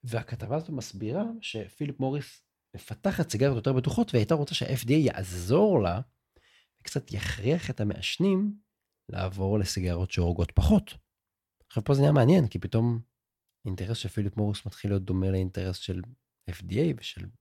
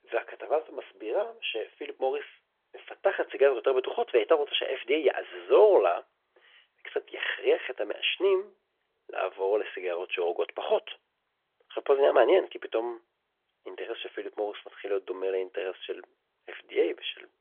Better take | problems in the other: first | phone-call audio; nothing above 3.5 kHz

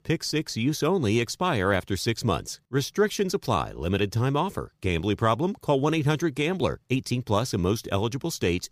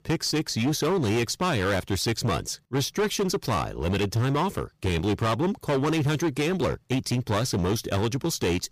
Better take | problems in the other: first | distortion; heavy; 18% of the sound clipped

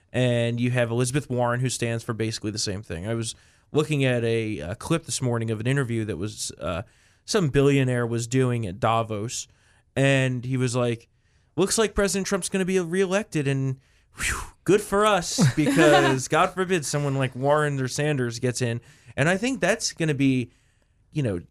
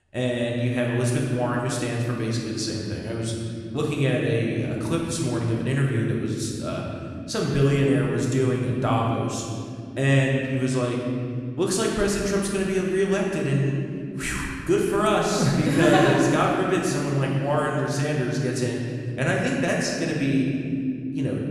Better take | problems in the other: first | room echo; noticeable; dies away in 2.7 s // off-mic speech; far

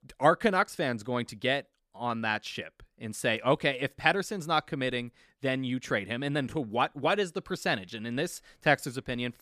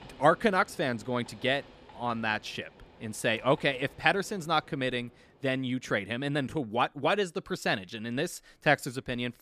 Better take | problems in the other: first | train or aircraft noise; faint; throughout; 25 dB below the speech

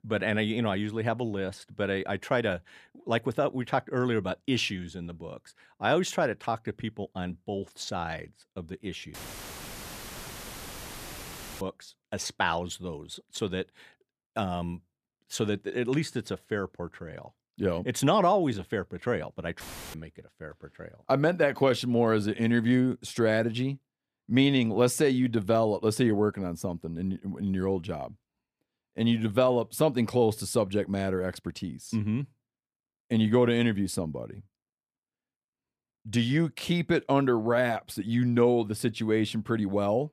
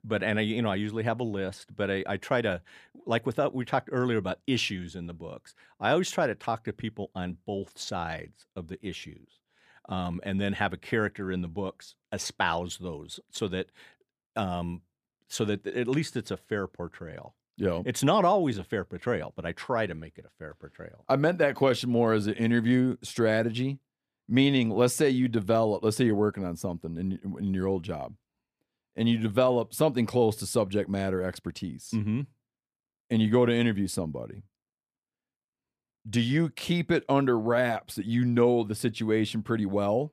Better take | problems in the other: second | audio cutting out; filled with static; at 9 s for 2.5 s and at 20 s

